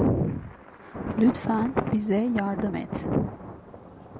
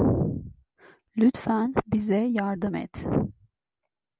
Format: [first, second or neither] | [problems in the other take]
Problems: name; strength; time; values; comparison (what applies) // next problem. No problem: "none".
second | background sound (Thunder); 10 dB below the speech